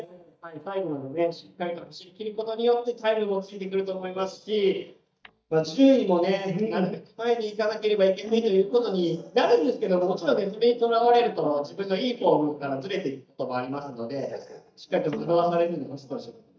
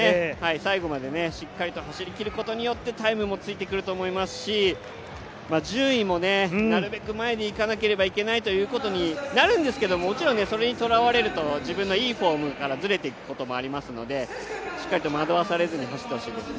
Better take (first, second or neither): second